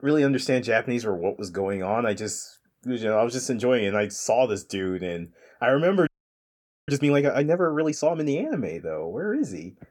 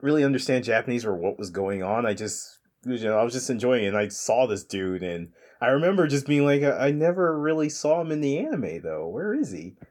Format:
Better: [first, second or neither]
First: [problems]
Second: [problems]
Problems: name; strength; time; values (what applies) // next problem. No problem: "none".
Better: second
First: audio freezing; at 6 s for 1 s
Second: none